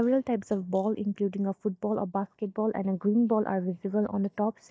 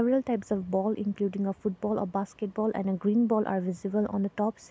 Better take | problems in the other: second | noise reduction (neural mask model DeepFilterNet 3)

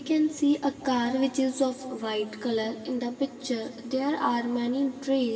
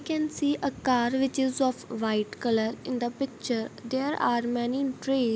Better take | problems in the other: second | room echo; dies away in 1.7 s

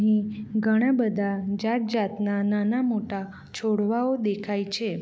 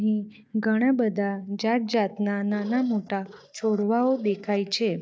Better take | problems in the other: first | noise reduction (neural mask model DeepFilterNet 3)

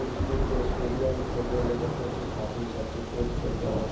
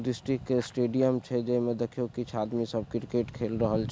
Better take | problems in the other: second | background sound (Thunder / Rain); 2 dB above the speech // room echo; dies away in 0.7 s

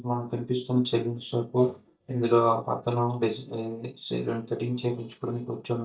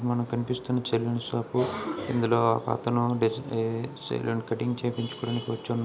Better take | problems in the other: second | noise reduction (neural mask model DeepFilterNet 3)

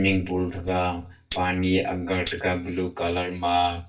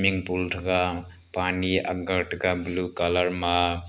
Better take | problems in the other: second | noise reduction (neural mask model DeepFilterNet 3)

